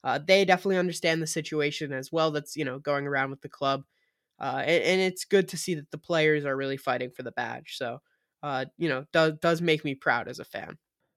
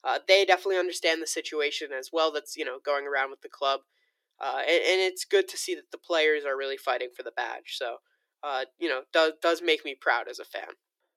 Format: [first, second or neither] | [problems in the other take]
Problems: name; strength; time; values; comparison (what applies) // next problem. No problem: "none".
first | thin; very; fading below 350 Hz